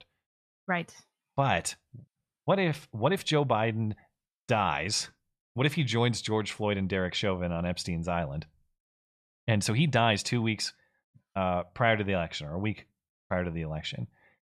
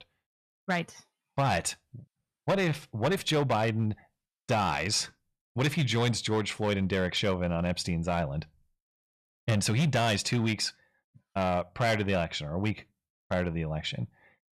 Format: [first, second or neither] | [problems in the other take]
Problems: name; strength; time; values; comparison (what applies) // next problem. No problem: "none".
first | distortion; slight; 6% of the sound clipped